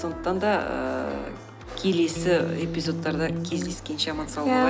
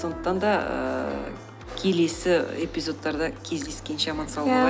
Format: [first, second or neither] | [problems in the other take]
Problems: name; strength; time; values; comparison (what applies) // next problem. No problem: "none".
second | background sound (Electric guitar); 5 dB below the speech